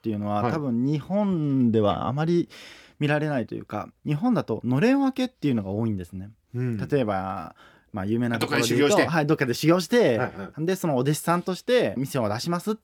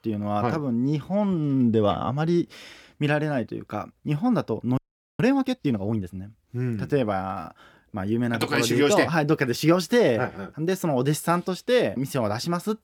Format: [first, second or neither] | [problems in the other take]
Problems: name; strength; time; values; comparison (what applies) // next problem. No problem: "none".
first | audio freezing; at 5 s